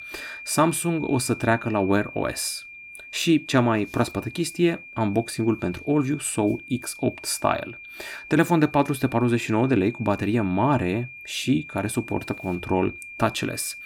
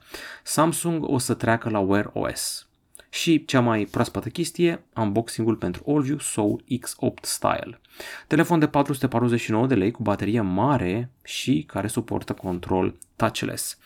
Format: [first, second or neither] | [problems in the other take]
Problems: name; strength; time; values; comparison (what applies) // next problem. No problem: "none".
second | high-pitched whine; noticeable; throughout; 2.5 kHz, 15 dB below the speech